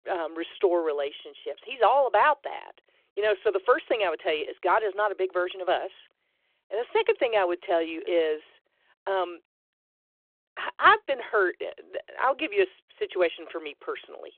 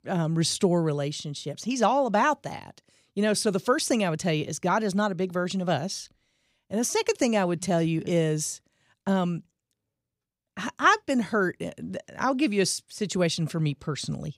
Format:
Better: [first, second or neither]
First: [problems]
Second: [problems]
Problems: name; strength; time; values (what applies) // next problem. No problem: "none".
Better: second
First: phone-call audio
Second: none